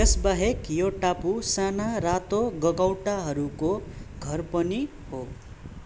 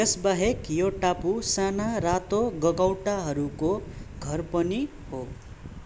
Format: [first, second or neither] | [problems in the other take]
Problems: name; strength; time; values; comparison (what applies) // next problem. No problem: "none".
second | background sound (Bass drum); 8 dB below the speech